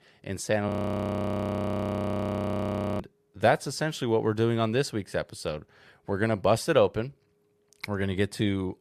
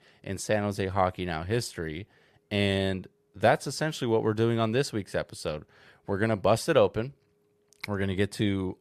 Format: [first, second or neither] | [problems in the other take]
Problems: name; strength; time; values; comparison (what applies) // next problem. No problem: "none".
second | audio freezing; at 0.5 s for 2.5 s